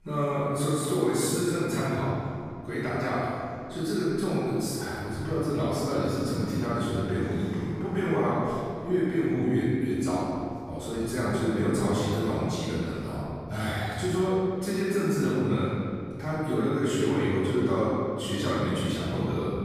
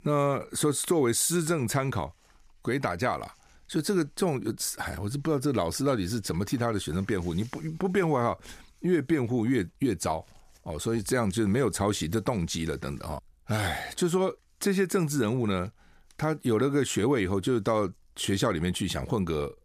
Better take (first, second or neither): second